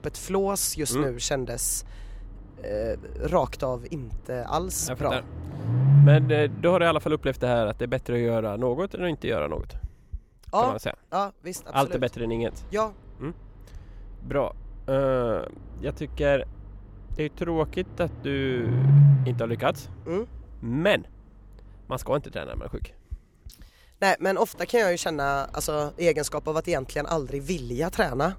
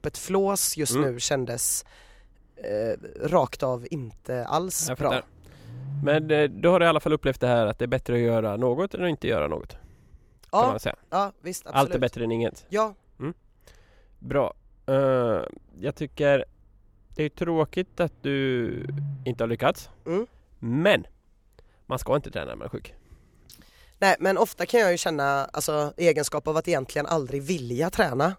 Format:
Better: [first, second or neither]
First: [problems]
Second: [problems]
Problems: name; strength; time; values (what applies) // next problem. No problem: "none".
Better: second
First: low rumble; loud; throughout; 7 dB below the speech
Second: low rumble; faint; throughout; 25 dB below the speech